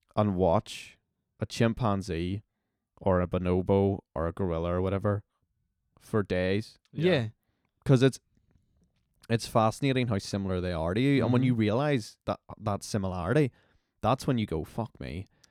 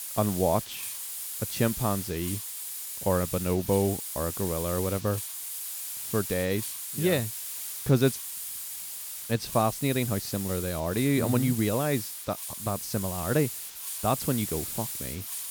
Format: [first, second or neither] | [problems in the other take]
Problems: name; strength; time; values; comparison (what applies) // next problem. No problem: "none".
first | hiss; loud; throughout; 5 dB below the speech